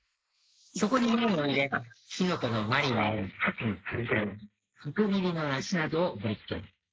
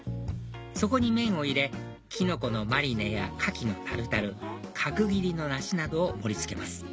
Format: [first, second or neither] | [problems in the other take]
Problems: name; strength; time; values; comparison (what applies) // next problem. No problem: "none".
second | noise reduction (neural mask model Resemble Enhance denoiser)